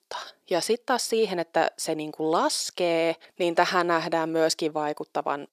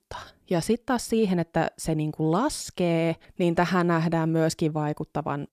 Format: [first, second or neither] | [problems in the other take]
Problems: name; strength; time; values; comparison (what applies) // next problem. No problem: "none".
second | thin; somewhat; fading below 450 Hz